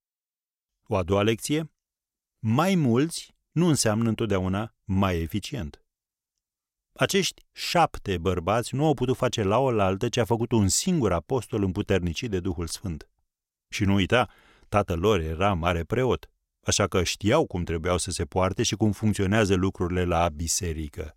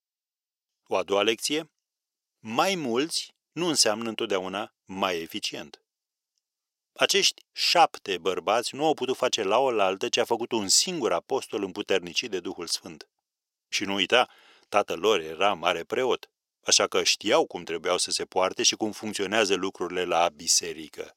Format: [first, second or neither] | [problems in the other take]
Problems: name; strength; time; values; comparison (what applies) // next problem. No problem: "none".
first | thin; somewhat; fading below 400 Hz